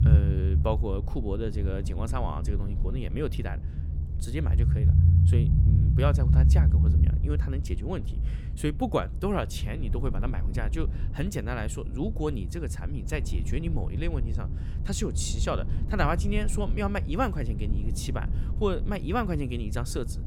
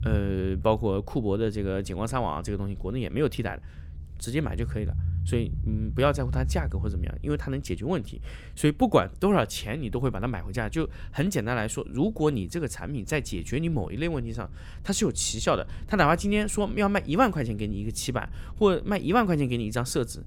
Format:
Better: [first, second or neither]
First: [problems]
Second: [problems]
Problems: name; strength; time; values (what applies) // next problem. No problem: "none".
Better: second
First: low rumble; loud; throughout; 8 dB below the speech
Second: low rumble; faint; throughout; 25 dB below the speech